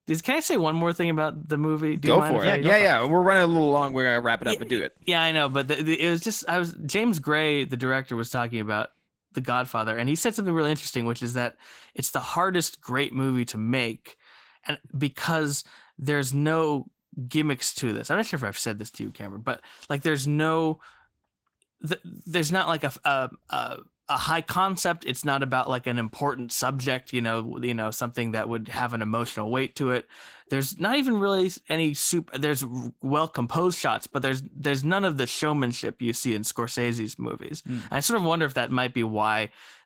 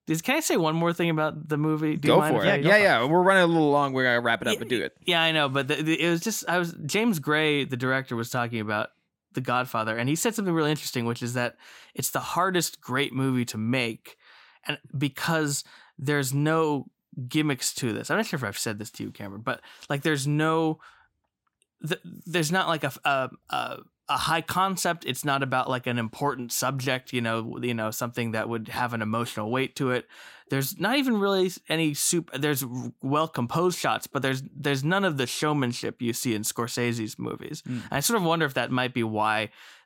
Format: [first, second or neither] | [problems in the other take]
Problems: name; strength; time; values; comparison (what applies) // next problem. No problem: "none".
second | garbled, watery; slightly; nothing above 16.5 kHz